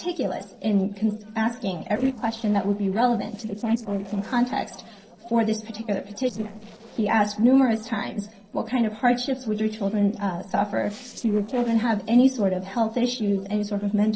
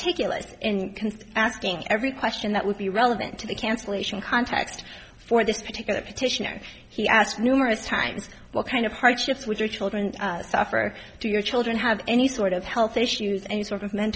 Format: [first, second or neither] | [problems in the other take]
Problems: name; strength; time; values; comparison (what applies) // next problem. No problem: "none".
second | noise reduction (neural separator model SepFormer DNS4)